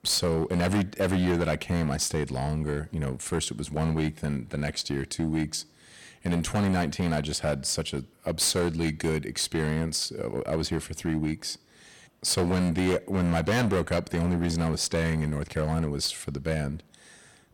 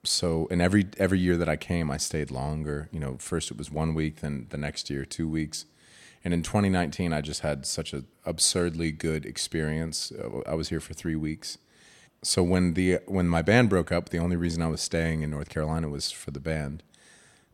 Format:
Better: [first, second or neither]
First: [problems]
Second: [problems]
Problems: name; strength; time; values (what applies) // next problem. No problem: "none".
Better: second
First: distortion; heavy; 11% of the sound clipped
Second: none